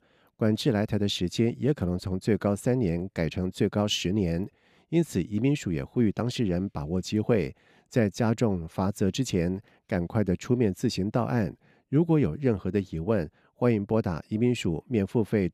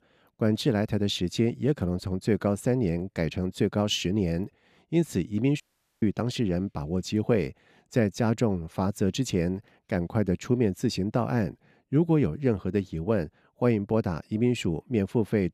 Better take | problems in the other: first | audio cutting out; at 5.5 s

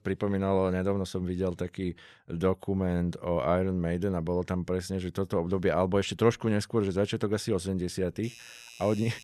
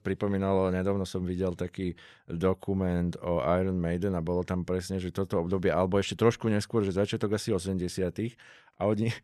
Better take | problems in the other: second | doorbell; faint; from 8 s on; peak 15 dB below the speech

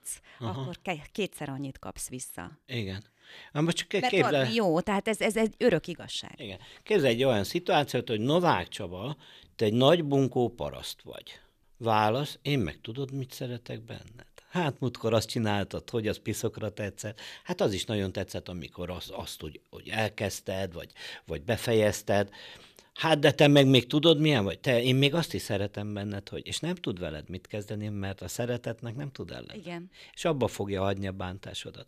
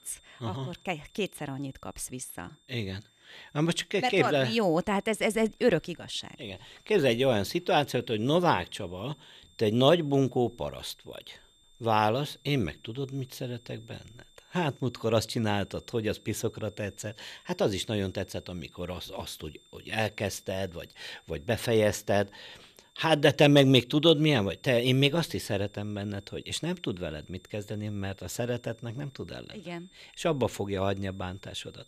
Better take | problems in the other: first | high-pitched whine; faint; throughout; 3.5 kHz, 30 dB below the speech

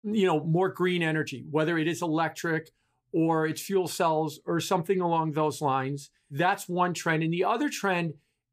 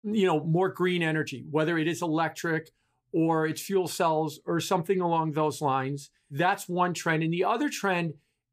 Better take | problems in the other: neither | none

